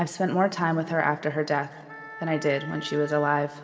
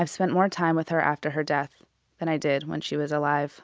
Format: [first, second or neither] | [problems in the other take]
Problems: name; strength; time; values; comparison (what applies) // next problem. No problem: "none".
second | background sound (Wind instrument, woodwind instrument); 16 dB below the speech // room echo; dies away in 2 s